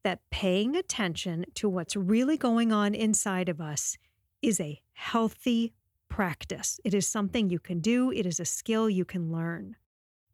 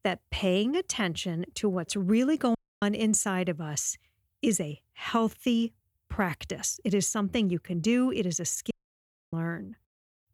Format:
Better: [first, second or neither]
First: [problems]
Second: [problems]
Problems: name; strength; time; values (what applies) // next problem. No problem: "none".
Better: first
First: none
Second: audio cutting out; at 2.5 s and at 8.5 s for 0.5 s